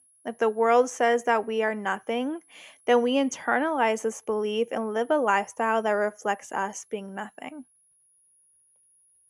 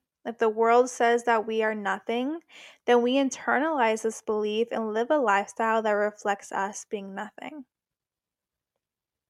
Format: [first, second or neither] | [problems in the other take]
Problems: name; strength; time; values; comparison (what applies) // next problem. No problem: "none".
second | high-pitched whine; faint; throughout; 10.5 kHz, 35 dB below the speech